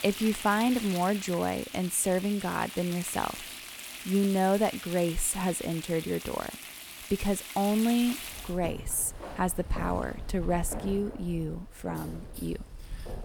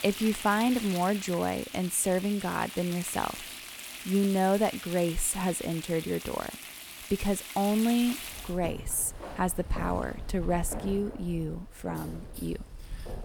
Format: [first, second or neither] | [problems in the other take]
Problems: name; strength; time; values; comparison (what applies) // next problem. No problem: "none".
neither | household noises; noticeable; throughout; 10 dB below the speech; the same in both